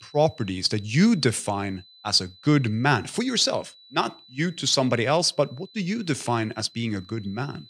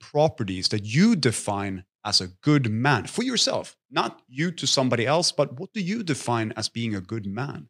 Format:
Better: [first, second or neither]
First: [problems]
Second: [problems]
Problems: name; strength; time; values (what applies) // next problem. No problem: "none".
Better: second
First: high-pitched whine; faint; throughout; 4 kHz, 25 dB below the speech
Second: none